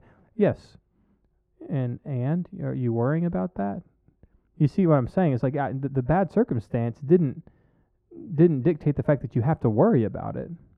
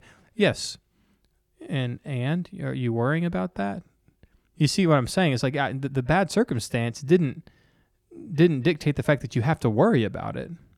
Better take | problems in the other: second | muffled; very; fading above 2.5 kHz

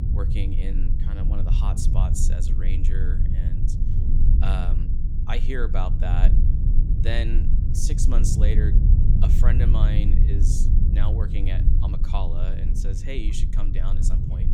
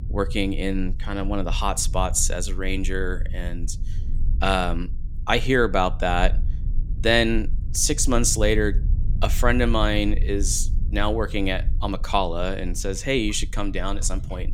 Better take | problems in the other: second | low rumble; loud; throughout; 3 dB below the speech; faint in the second

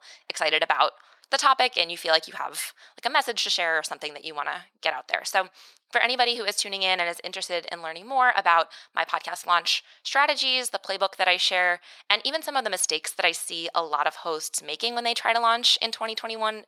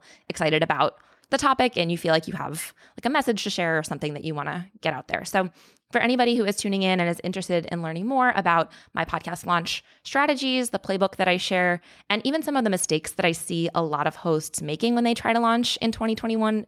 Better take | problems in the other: second | thin; very; fading below 800 Hz

